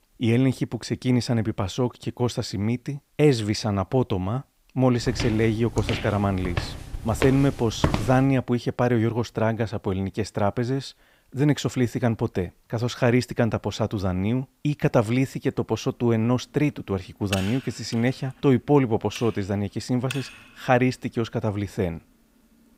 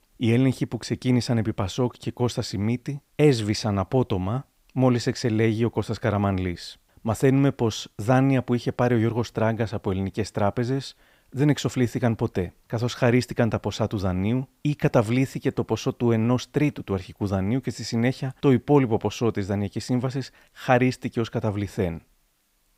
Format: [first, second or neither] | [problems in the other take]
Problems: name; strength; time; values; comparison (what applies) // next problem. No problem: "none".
second | footsteps; noticeable; from 5 to 8 s; peak 1 dB below the speech // keyboard typing; noticeable; from 17 to 20 s; peak 7 dB below the speech